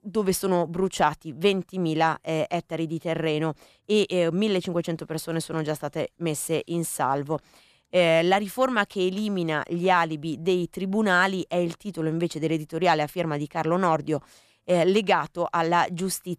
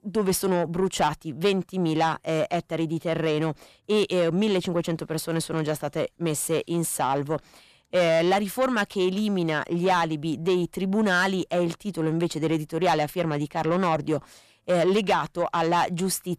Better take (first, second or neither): first